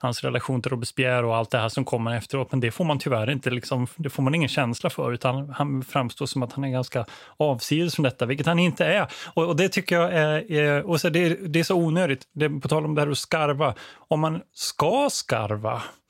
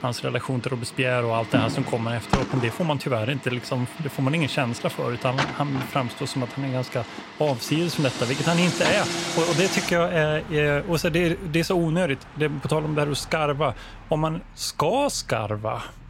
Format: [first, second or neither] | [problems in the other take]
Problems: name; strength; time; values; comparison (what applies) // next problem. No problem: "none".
first | traffic noise; loud; throughout; 7 dB below the speech